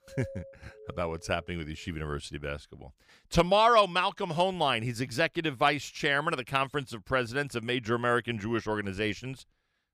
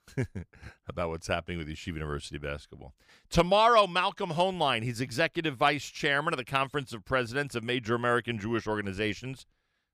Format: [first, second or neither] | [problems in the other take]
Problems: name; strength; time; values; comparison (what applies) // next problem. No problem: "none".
second | doorbell; faint; until 2 s; peak 15 dB below the speech